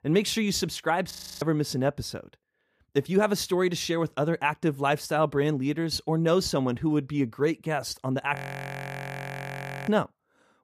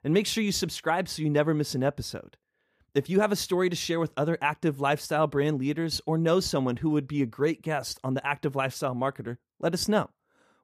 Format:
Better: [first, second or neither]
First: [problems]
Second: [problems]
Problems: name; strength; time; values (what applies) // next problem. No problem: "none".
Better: second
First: audio freezing; at 1 s and at 8.5 s for 1.5 s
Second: none